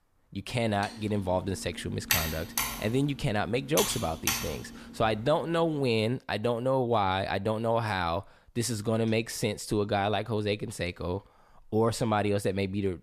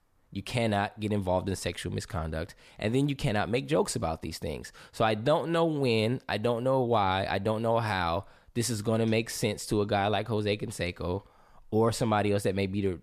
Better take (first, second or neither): second